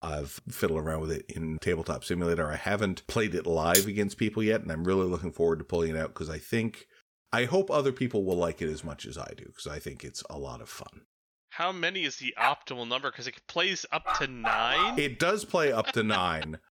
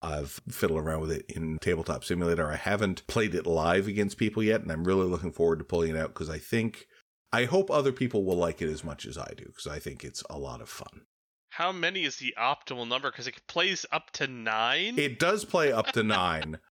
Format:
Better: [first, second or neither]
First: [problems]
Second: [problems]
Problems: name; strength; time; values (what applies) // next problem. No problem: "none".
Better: second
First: clattering dishes; loud; at 3.5 s; peak 4 dB above the speech // dog barking; noticeable; at 12 s; peak 2 dB below the speech // dog barking; loud; at 14 s; peak 2 dB above the speech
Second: none